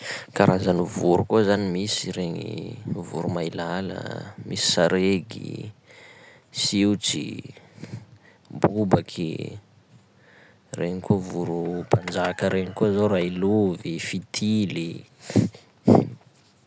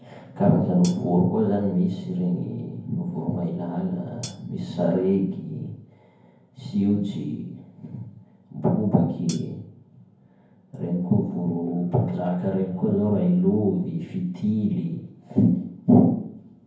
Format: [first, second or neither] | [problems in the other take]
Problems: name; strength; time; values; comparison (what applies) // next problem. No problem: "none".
first | background sound (Hi-hat); 17 dB below the speech // room echo; dies away in 0.9 s